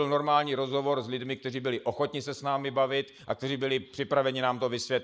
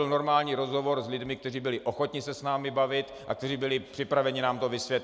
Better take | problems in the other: second | noise reduction (neural mask model Resemble Enhance denoiser)

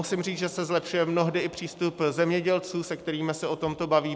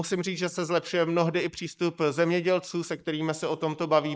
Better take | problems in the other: first | noise reduction (neural mask model Resemble Enhance denoiser)

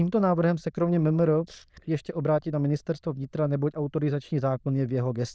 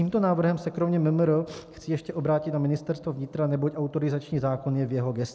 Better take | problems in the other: second | noise reduction (neural diffusion model UNIVERSE++)

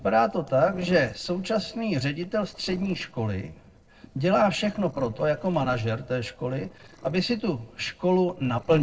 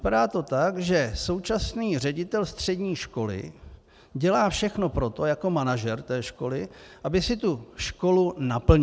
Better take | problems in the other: second | noise reduction (neural separator model SepFormer DNS4)

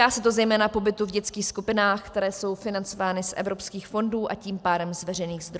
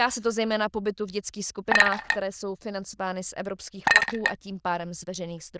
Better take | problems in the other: first | noise reduction (neural diffusion model UNIVERSE++)

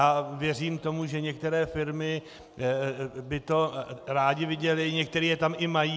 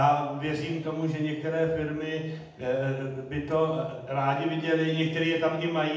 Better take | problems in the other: first | room echo; dies away in 0.8 s

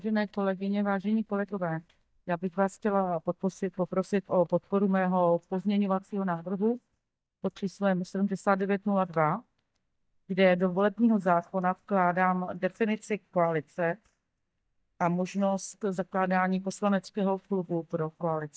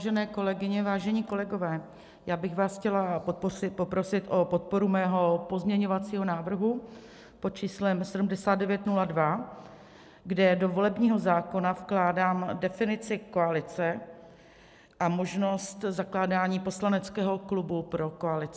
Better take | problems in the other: second | noise reduction (neural mask model DeepFilterNet 3)

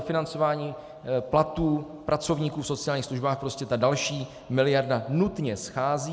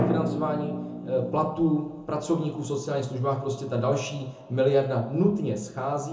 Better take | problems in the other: first | background sound (Drum); 9 dB below the speech // room echo; dies away in 0.6 s

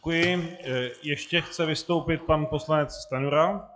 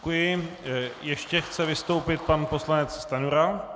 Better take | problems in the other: second | noise reduction (classical method log-MMSE)

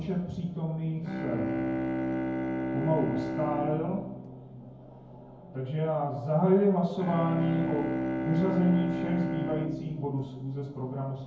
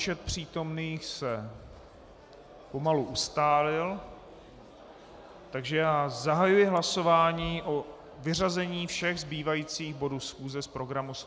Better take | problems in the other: second | background sound (Bowed string instrument); 4 dB below the speech // room echo; dies away in 0.9 s

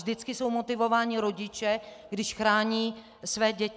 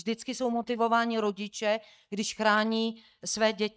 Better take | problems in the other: first | noise reduction (neural mask model DeepFilterNet 3)

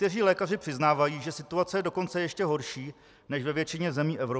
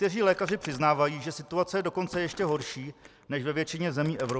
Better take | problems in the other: first | background sound (Crumpling, crinkling); 20 dB below the speech

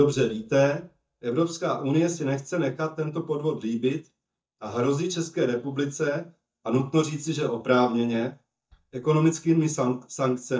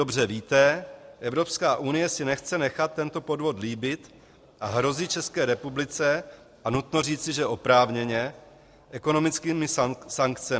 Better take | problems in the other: second | noise reduction (neural mask model DeepFilterNet 3)

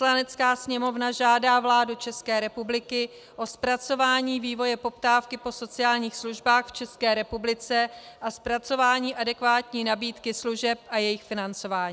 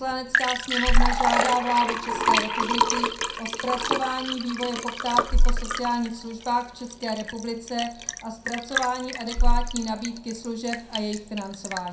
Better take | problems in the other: first | background sound (Liquid); 4 dB above the speech // room echo; dies away in 0.4 s

